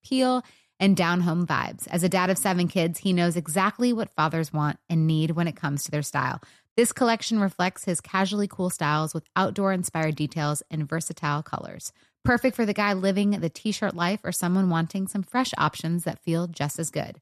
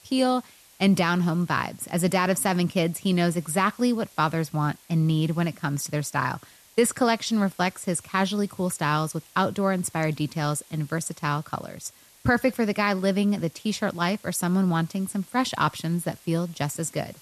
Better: first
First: none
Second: hiss; faint; throughout; 25 dB below the speech

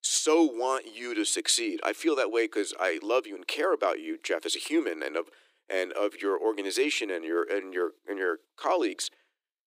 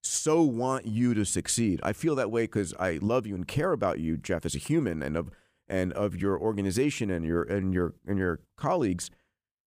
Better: second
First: thin; very; fading below 300 Hz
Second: none

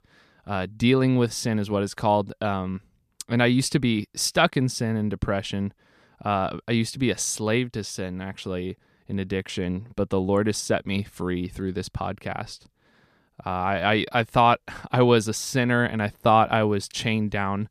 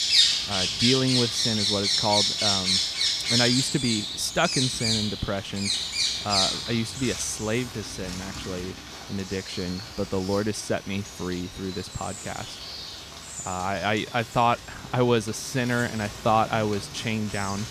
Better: first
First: none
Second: animal sounds; very loud; throughout; 3 dB above the speech

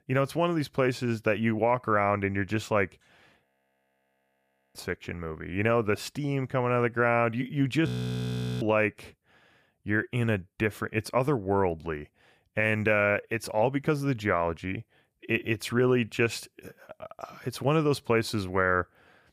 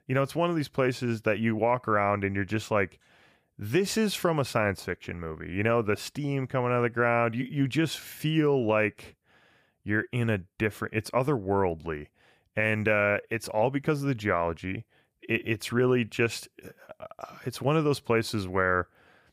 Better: second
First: audio freezing; at 3.5 s for 1.5 s and at 8 s for 0.5 s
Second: none

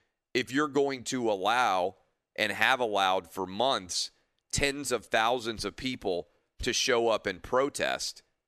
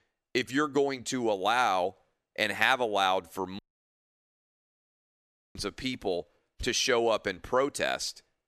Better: first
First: none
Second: audio cutting out; at 3.5 s for 2 s

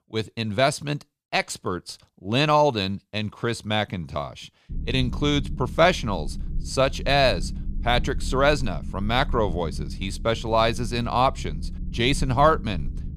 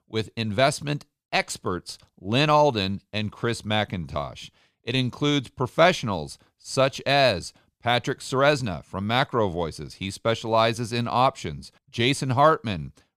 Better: second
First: low rumble; faint; from 4.5 s on; 25 dB below the speech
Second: none

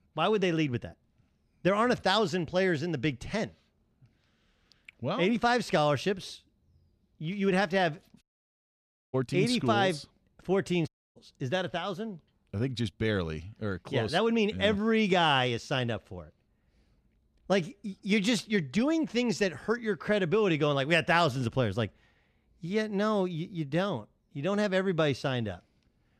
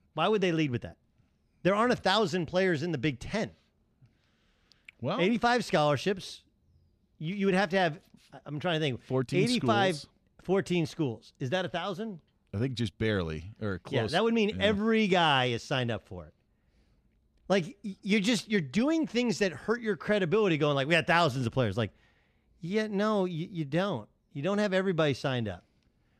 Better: second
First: audio cutting out; at 8 s for 1 s and at 11 s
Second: none

